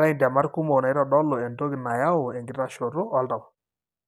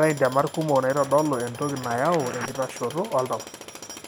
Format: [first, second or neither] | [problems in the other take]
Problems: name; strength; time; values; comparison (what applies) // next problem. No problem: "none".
first | background sound (Tools + Zipper (clothing)); 14 dB below the speech